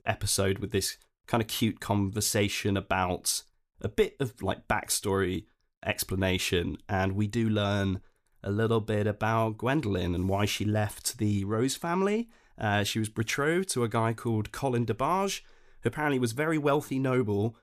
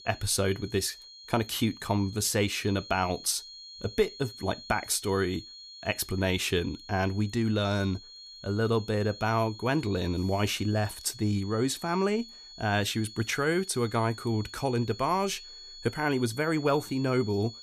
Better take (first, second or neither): first